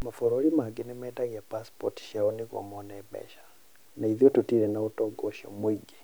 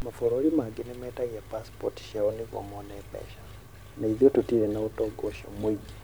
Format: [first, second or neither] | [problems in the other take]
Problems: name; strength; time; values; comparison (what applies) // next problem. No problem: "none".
first | background sound (Engine); 17 dB below the speech